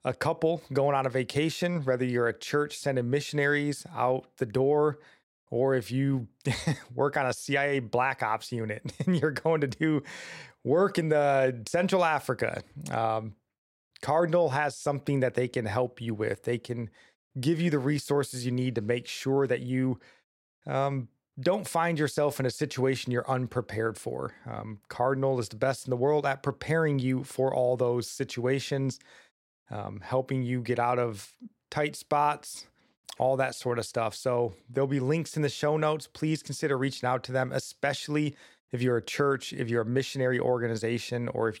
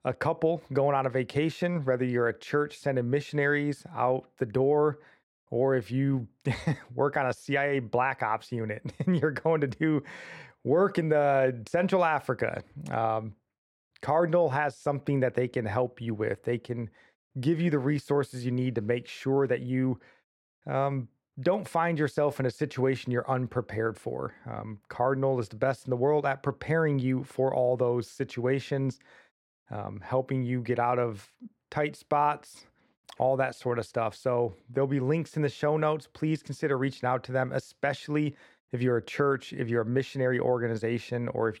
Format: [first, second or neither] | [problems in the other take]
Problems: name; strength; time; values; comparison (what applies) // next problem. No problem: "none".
first | muffled; slightly; fading above 3.5 kHz